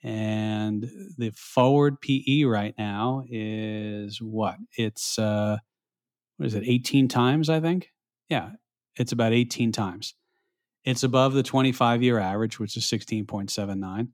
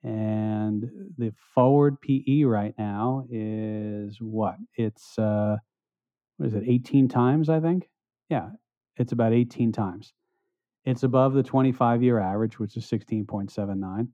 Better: first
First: none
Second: muffled; very; fading above 2 kHz

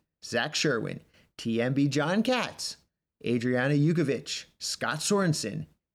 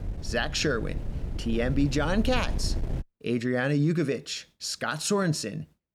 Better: first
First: none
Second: wind noise on the microphone; occasional gusts; until 3 s; 15 dB below the speech

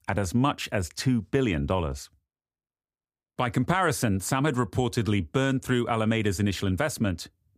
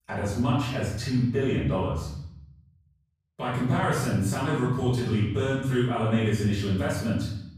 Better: first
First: none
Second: off-mic speech; far // room echo; noticeable; dies away in 0.9 s

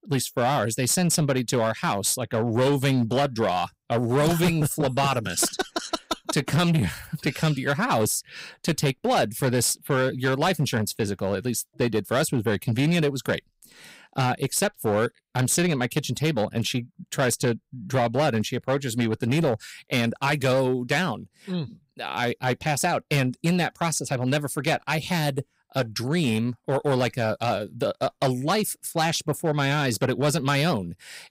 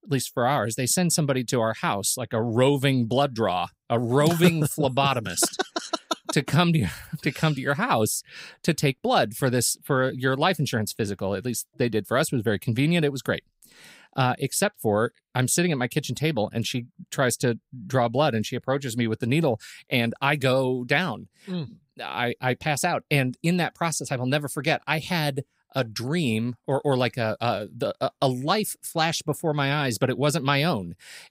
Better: second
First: distortion; slight; 7% of the sound clipped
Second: none

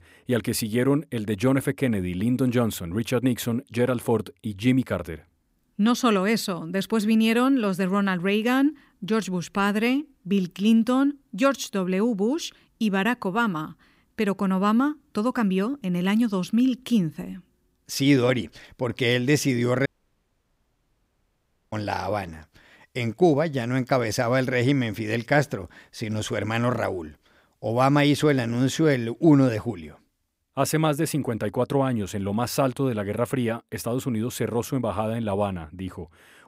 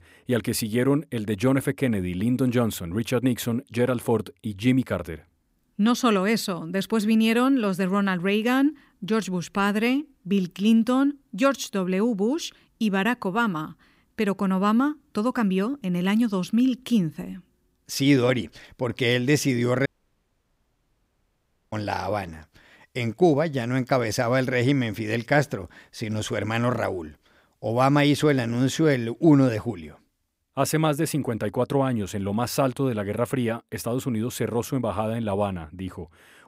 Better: neither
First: audio cutting out; at 20 s for 2 s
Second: audio cutting out; at 20 s for 2 s

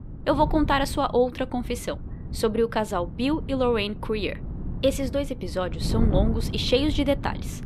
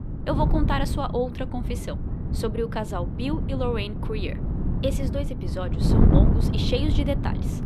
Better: first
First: wind noise on the microphone; occasional gusts; 15 dB below the speech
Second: wind noise on the microphone; heavy; 5 dB below the speech

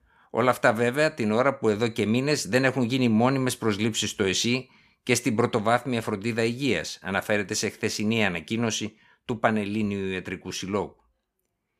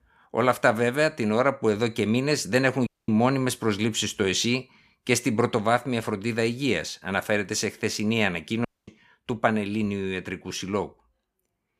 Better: first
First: none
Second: audio cutting out; at 3 s and at 8.5 s

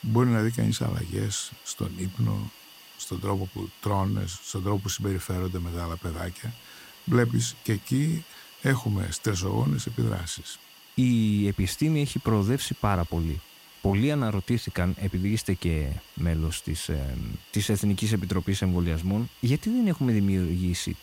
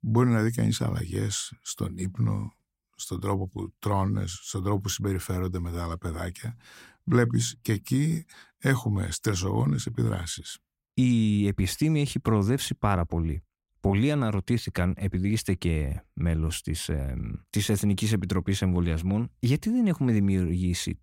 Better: second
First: hiss; faint; throughout; 20 dB below the speech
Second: none

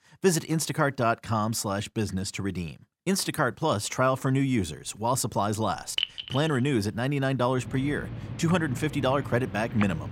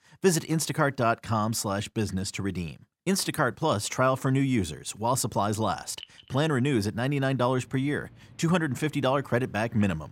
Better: second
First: household noises; loud; from 4 s on; 8 dB below the speech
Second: household noises; faint; from 4 s on; 25 dB below the speech

